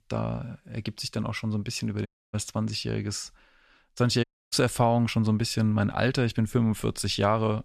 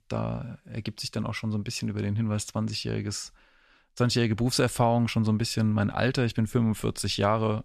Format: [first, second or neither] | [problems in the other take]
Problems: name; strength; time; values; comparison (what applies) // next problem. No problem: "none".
second | audio cutting out; at 2 s and at 4 s